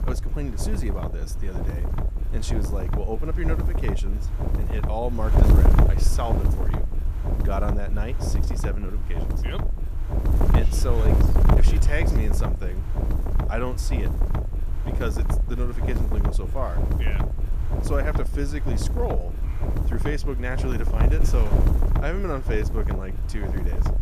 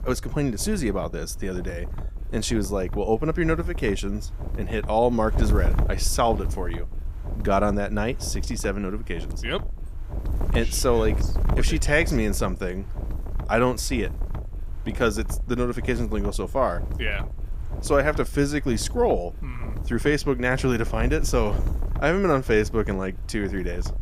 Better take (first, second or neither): second